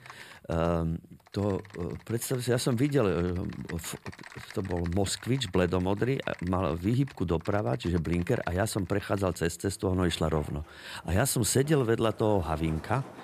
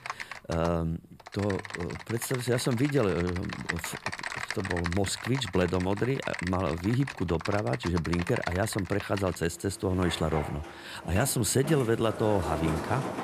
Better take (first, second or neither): first